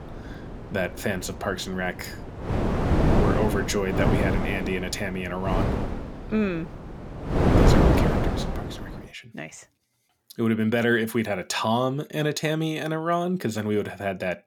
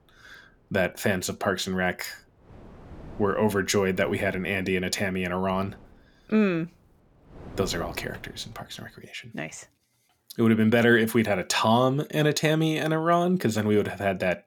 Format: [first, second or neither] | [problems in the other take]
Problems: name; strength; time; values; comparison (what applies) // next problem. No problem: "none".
second | wind noise on the microphone; heavy; until 9 s; as loud as the speech; occasional gusts in the second